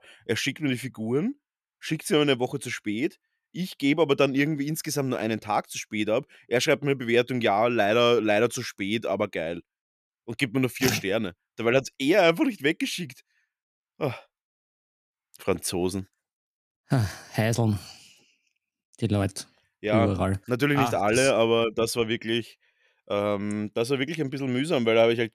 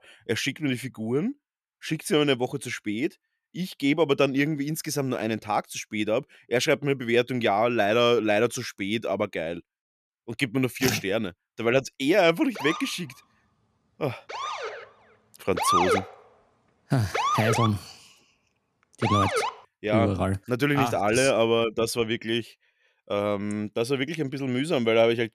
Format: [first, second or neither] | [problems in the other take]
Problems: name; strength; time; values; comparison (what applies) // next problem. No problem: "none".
first | siren; loud; from 13 to 20 s; peak 4 dB above the speech